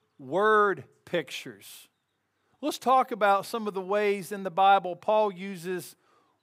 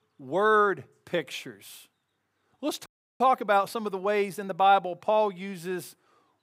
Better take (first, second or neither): first